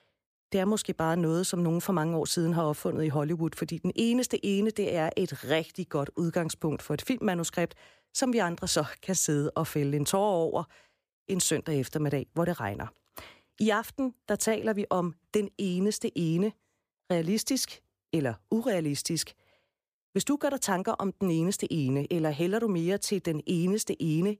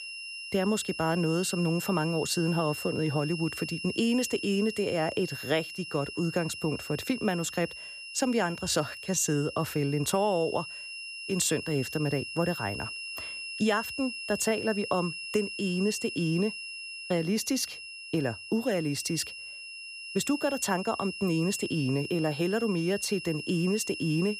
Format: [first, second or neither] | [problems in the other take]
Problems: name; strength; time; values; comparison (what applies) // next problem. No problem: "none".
first | high-pitched whine; loud; throughout; 3 kHz, 8 dB below the speech